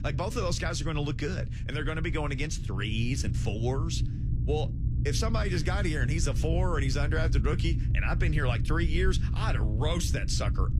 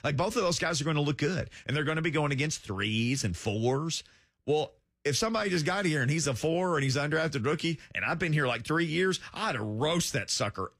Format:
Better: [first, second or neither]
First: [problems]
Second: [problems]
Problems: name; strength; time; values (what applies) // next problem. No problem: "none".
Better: second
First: low rumble; noticeable; throughout; 10 dB below the speech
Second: none